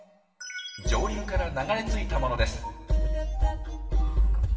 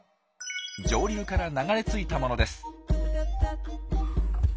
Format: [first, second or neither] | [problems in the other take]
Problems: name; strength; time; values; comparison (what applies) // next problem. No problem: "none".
second | room echo; dies away in 1.1 s